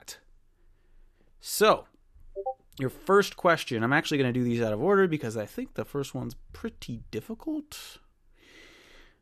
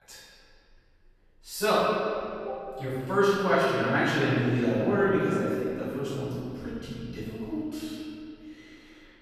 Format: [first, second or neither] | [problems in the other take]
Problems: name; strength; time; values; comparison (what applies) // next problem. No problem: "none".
first | off-mic speech; far // room echo; strong; dies away in 2.3 s